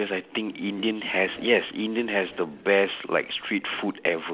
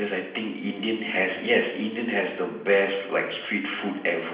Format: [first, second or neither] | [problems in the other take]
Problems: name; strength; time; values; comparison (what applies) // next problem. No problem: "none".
first | room echo; dies away in 0.8 s